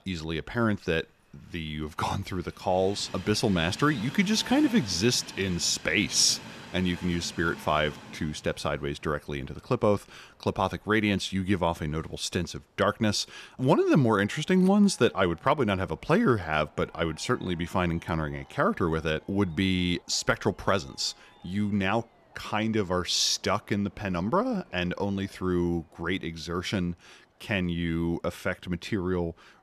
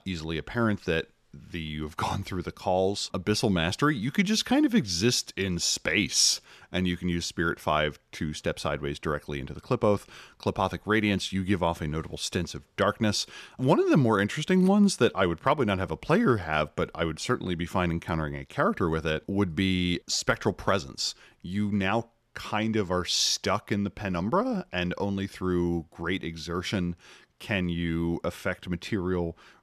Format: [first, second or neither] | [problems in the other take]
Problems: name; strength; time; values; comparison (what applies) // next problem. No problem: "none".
second | train or aircraft noise; noticeable; throughout; 20 dB below the speech